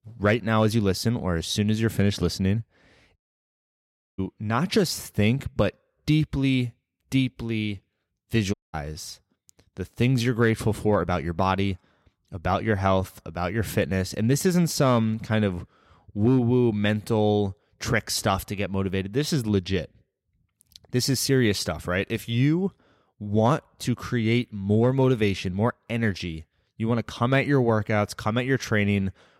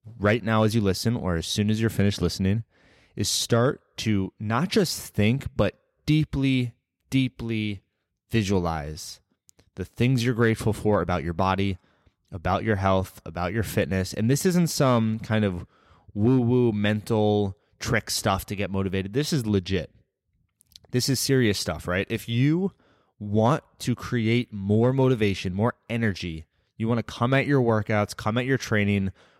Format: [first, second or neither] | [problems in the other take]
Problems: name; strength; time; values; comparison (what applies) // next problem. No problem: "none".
second | audio cutting out; at 3 s for 1 s and at 8.5 s